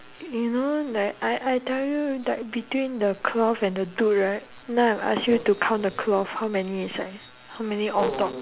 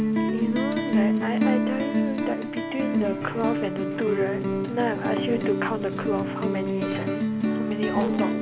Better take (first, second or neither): first